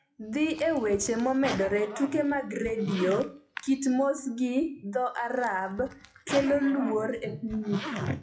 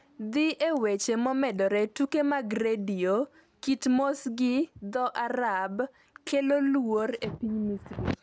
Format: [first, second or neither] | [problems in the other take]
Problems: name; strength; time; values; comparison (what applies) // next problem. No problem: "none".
second | noise reduction (classical method WPE with log-MMSE)